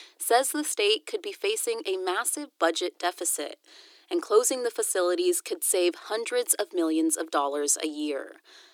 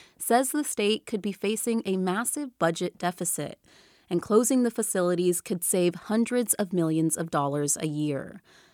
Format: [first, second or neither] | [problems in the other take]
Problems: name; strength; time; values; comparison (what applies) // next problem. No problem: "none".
second | thin; very; fading below 300 Hz